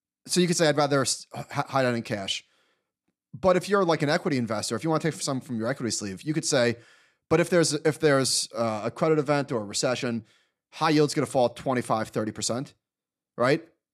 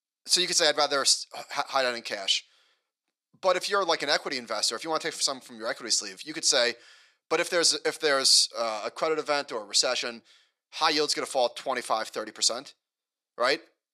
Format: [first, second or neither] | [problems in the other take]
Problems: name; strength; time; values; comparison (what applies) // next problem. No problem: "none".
first | thin; somewhat; fading below 550 Hz